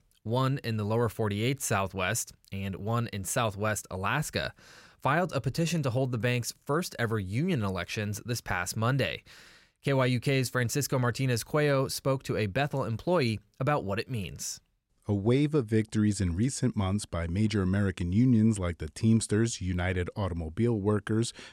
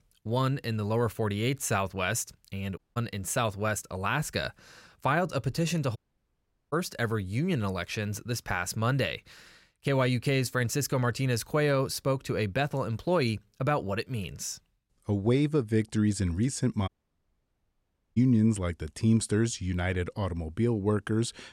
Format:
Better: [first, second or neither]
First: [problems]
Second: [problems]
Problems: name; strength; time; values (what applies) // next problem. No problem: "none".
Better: first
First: none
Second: audio cutting out; at 3 s, at 6 s for 1 s and at 17 s for 1.5 s